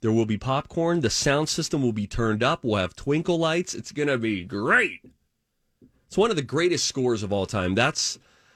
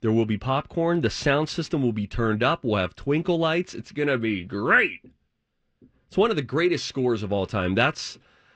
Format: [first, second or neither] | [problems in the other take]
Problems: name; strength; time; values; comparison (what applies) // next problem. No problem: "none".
first | muffled; slightly; fading above 3 kHz